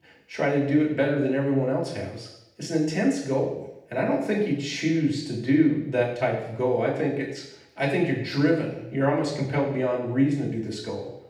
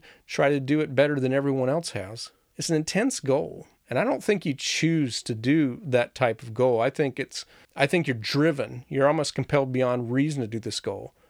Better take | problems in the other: second | room echo; noticeable; dies away in 0.8 s // off-mic speech; far

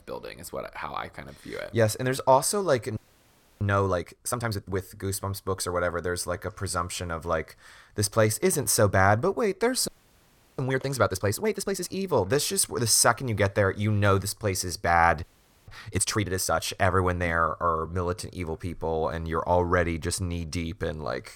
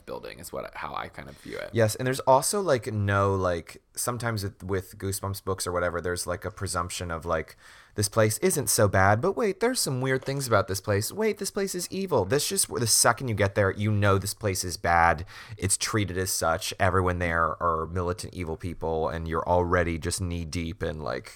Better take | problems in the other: second | audio freezing; at 3 s for 0.5 s, at 10 s for 0.5 s and at 15 s

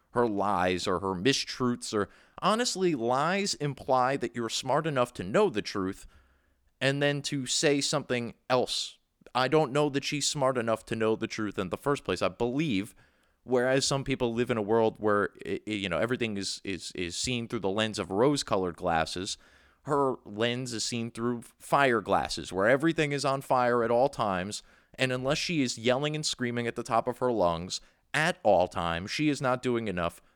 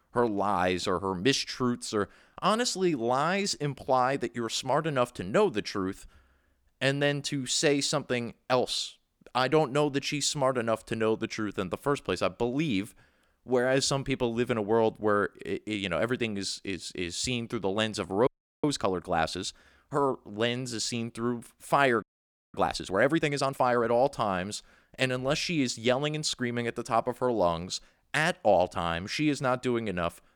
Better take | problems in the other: first | audio freezing; at 18 s and at 22 s for 0.5 s

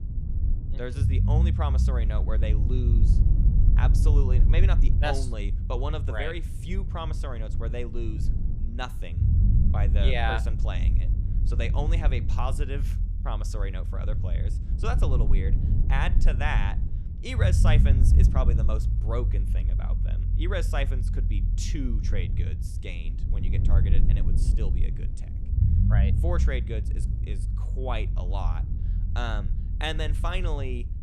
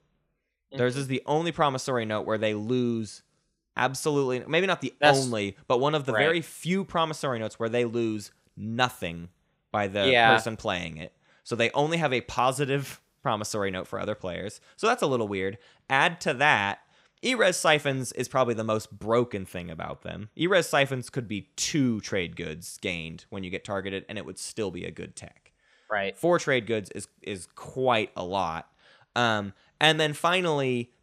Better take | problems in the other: second | low rumble; loud; throughout; 7 dB below the speech

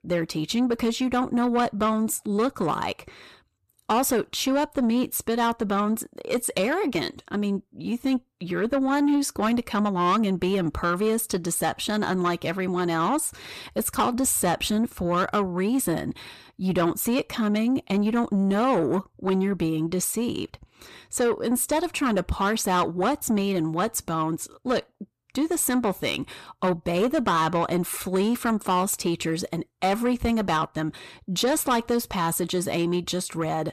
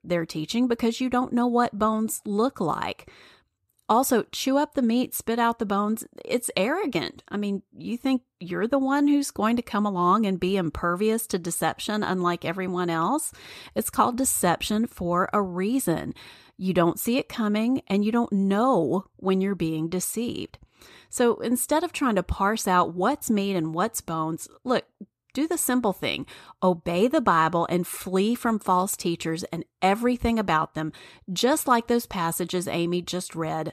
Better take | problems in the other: second | distortion; slight; 10 dB below the speech

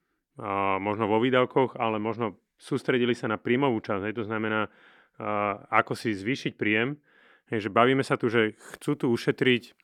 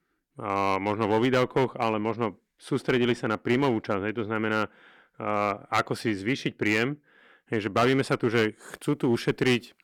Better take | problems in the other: first | distortion; slight; 4% of the sound clipped

